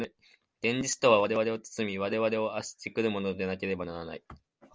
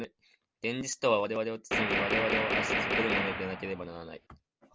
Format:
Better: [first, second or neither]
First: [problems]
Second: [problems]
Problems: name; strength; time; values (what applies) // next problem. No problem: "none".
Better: first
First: none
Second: background sound (Gunshot, gunfire); 3 dB above the speech